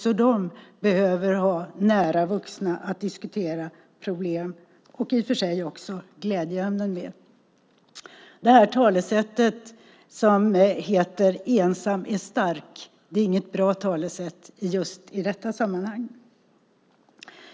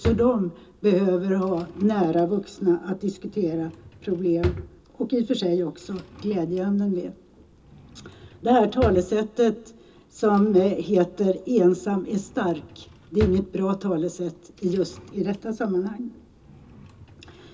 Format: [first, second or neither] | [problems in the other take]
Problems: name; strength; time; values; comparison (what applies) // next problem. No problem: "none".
first | background sound (Drawer open or close); 14 dB below the speech // room echo; dies away in 0.2 s